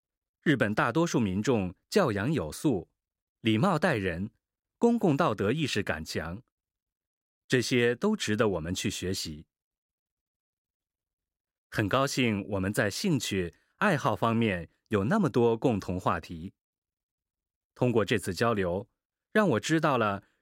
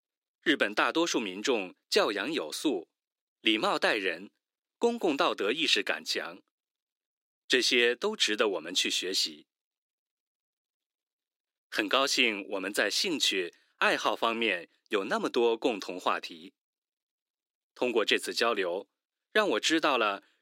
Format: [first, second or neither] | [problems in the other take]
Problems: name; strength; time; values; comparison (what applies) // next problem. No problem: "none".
first | thin; somewhat; fading below 300 Hz